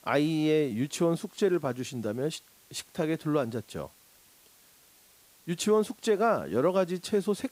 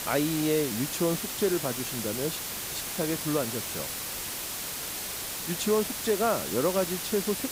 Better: first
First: hiss; faint; throughout; 30 dB below the speech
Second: hiss; loud; throughout; 3 dB below the speech

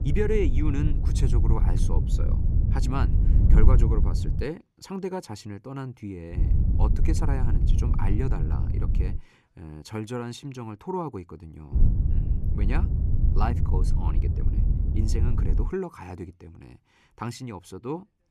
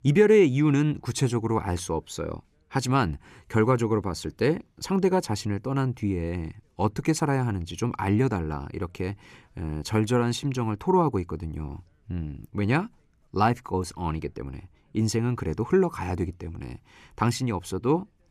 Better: second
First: wind noise on the microphone; heavy; until 4.5 s, from 6.5 to 9 s and from 12 to 16 s; 5 dB below the speech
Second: none

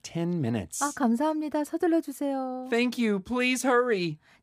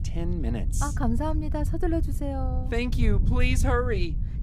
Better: first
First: none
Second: wind noise on the microphone; occasional gusts; 15 dB below the speech

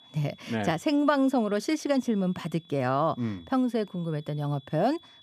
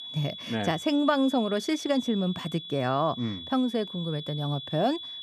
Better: first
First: high-pitched whine; faint; throughout; 3.5 kHz, 25 dB below the speech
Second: high-pitched whine; loud; throughout; 3.5 kHz, 10 dB below the speech

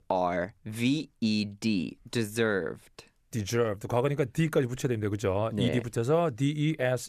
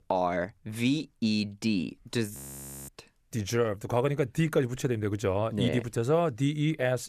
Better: first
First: none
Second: audio freezing; at 2.5 s for 0.5 s

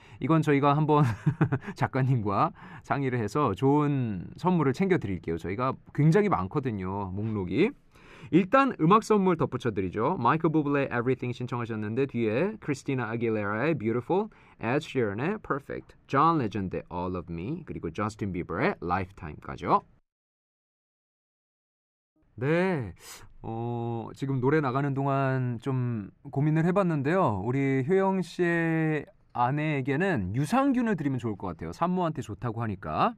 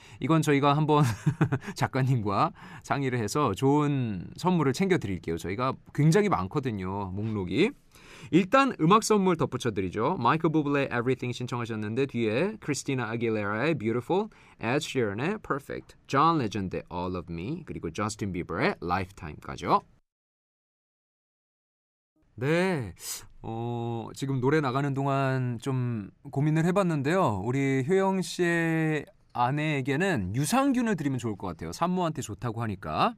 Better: second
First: muffled; slightly; fading above 3.5 kHz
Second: none

